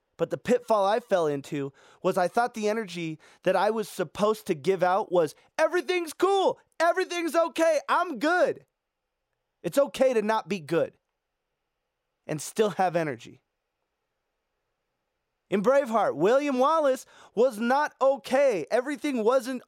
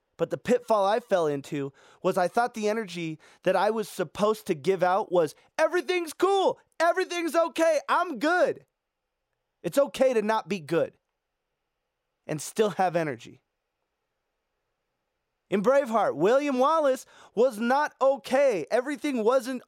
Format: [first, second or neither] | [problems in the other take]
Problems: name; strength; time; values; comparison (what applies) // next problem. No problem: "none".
neither | none